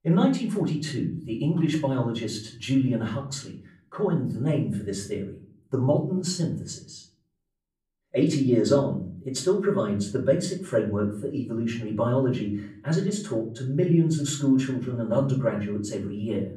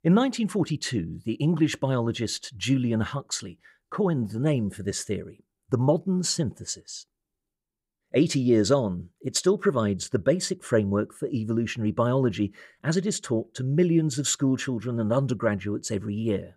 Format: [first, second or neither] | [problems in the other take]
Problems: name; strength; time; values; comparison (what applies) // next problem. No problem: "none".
second | off-mic speech; far // room echo; slight; dies away in 0.5 s